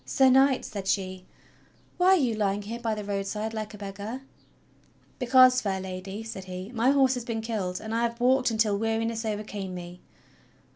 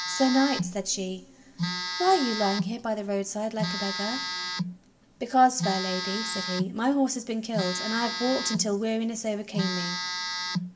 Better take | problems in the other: first | background sound (Telephone); 5 dB below the speech // room echo; dies away in 1.7 s

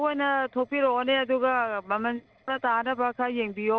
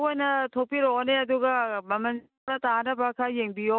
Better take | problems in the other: second | noise reduction (neural separator model SepFormer DNS4)

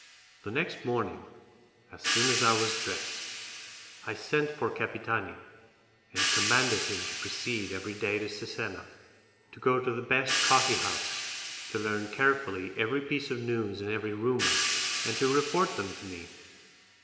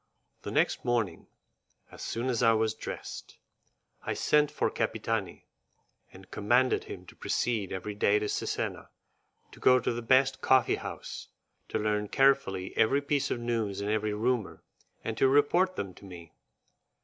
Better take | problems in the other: second | background sound (Crash cymbal / Hi-hat); 3 dB below the speech // room echo; dies away in 3 s

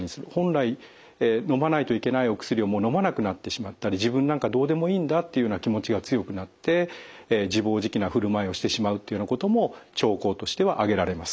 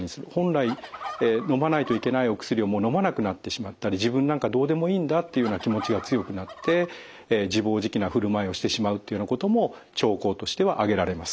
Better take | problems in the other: first | background sound (Fowl); 15 dB below the speech

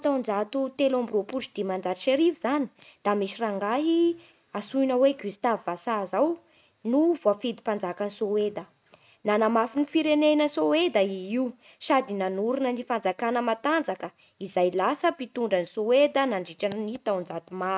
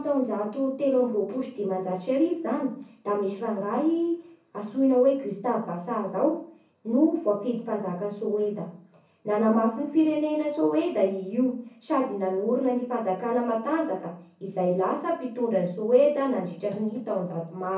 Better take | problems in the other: first | room echo; dies away in 0.6 s

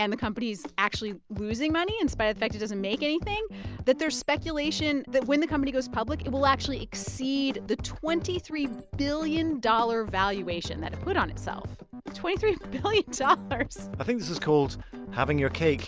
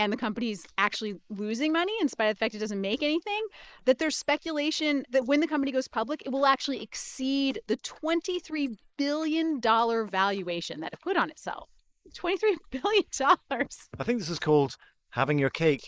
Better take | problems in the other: first | noise reduction (neural mask model Resemble Enhance denoiser)

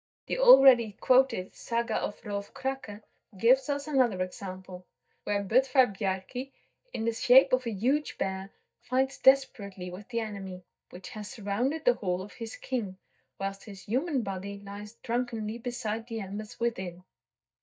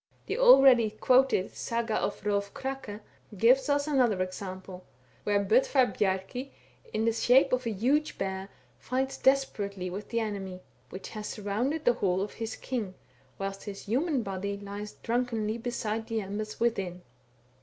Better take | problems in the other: second | noise reduction (neural mask model DeepFilterNet 3)

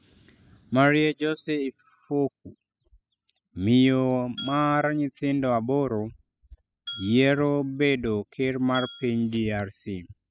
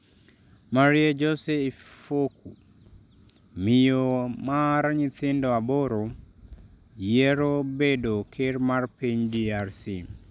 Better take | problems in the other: second | noise reduction (classical method spectral subtraction)

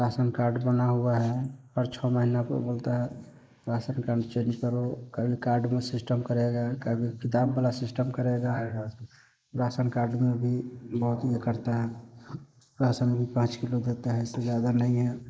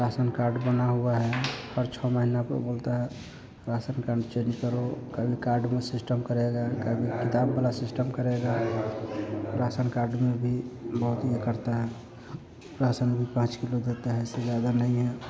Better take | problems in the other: second | noise reduction (neural mask model Resemble Enhance denoiser)

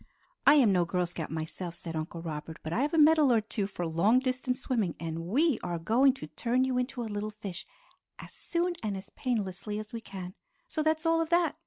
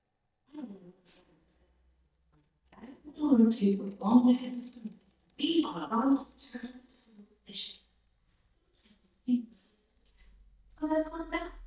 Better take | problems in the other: first | noise reduction (neural mask model DeepFilterNet 3)

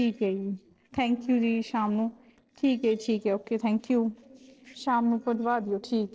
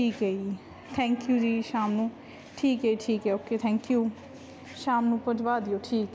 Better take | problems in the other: second | noise reduction (neural separator model SepFormer DNS4)

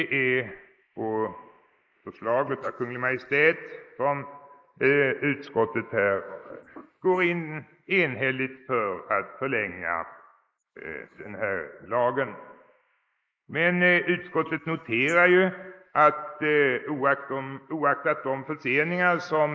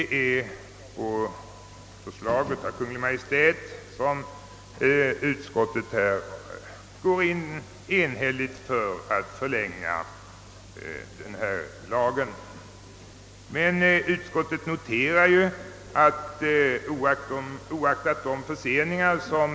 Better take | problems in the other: second | noise reduction (neural mask model Resemble Enhance denoiser)

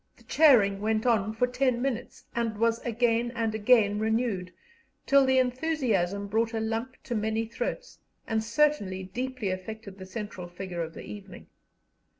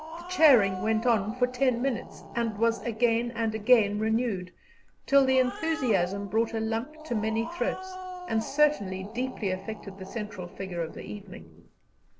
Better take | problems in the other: first | background sound (Growling); 14 dB below the speech

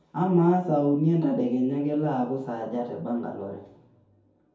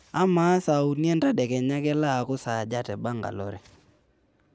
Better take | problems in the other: second | room echo; dies away in 0.6 s

